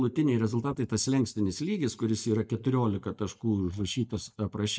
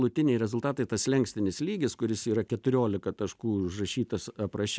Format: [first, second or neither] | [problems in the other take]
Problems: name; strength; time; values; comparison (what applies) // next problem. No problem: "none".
second | noise reduction (neural mask model DeepFilterNet 3)